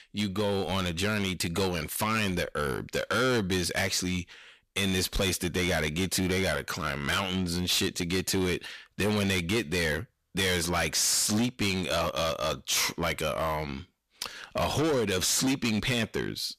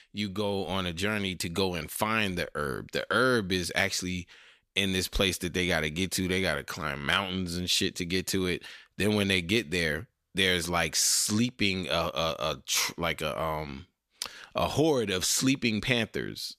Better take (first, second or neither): second